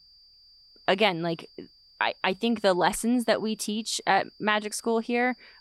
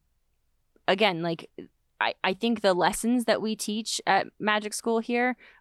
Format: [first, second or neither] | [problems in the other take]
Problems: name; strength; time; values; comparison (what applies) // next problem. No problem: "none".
second | high-pitched whine; faint; throughout; 4.5 kHz, 25 dB below the speech